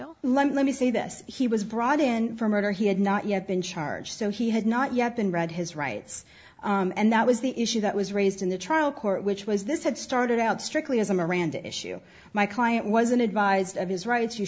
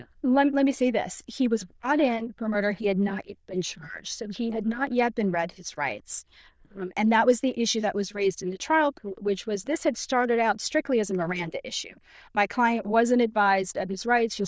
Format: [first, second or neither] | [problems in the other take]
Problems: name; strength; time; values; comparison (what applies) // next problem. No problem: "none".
first | noise reduction (neural diffusion model UNIVERSE++)